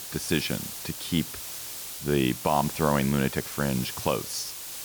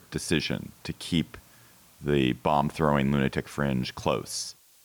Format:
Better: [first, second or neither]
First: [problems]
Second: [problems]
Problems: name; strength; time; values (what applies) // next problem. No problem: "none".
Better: second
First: hiss; loud; throughout; 7 dB below the speech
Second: hiss; faint; throughout; 30 dB below the speech